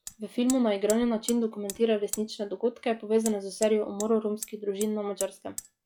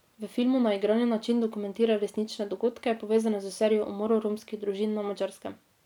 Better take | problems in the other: second | noise reduction (classical method log-MMSE)

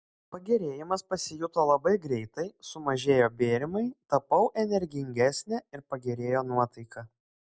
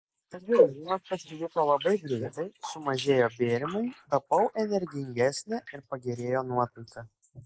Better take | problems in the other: first | noise reduction (neural mask model Resemble Enhance denoiser)

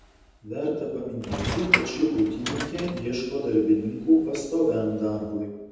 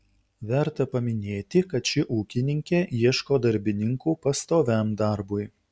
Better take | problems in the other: second | background sound (Sliding door / Train); 8 dB below the speech // room echo; dies away in 1.1 s

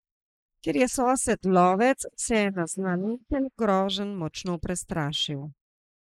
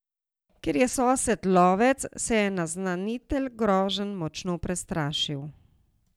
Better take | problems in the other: second | noise reduction (neural mask model Resemble Enhance denoiser)

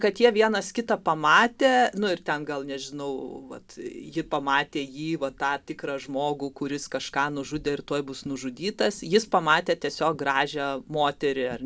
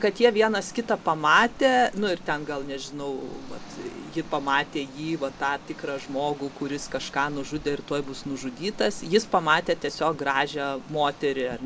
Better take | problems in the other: first | background sound (Rain + Engine); 17 dB below the speech

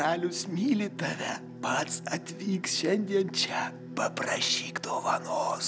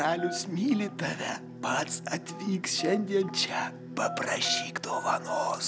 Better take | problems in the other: first | background sound (Telephone); 14 dB below the speech

